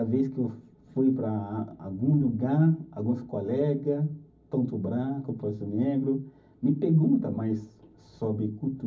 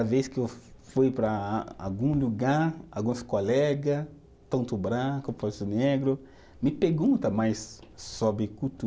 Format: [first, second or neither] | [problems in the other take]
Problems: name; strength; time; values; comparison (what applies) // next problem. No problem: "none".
second | room echo; dies away in 0.4 s